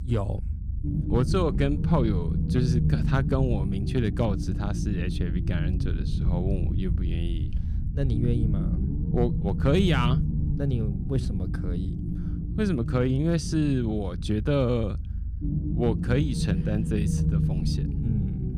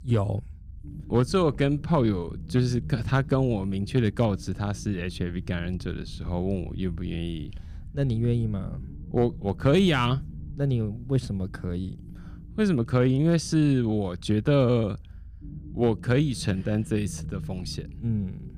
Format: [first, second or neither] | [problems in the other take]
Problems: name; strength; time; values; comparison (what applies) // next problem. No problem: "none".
second | low rumble; loud; throughout; 7 dB below the speech; faint in the second